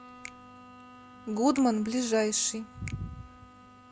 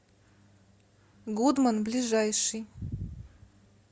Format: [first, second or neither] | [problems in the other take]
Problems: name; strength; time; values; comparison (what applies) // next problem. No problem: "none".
second | background sound (Finger snapping + Bowed string instrument); 19 dB below the speech